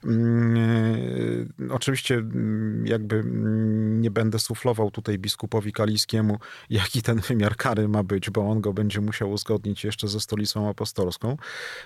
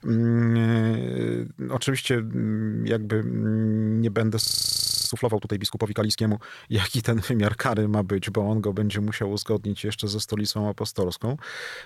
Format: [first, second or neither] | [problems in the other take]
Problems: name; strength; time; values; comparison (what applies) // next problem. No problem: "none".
first | audio freezing; at 4.5 s for 0.5 s